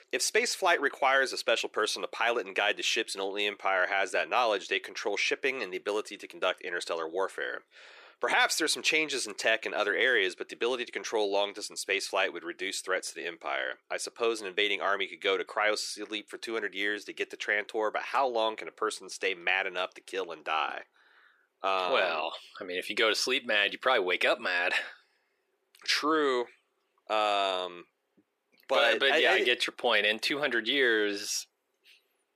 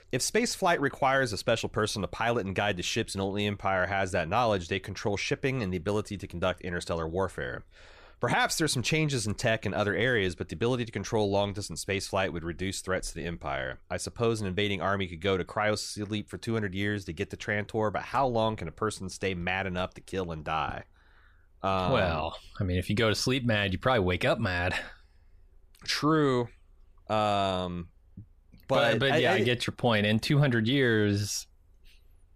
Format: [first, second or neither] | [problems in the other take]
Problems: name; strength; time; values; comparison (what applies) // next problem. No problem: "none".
second | thin; very; fading below 350 Hz